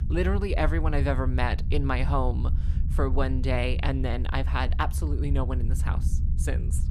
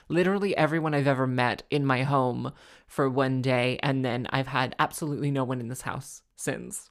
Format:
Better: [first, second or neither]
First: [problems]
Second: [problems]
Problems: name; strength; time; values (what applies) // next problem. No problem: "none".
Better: second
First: low rumble; noticeable; throughout; 15 dB below the speech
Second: none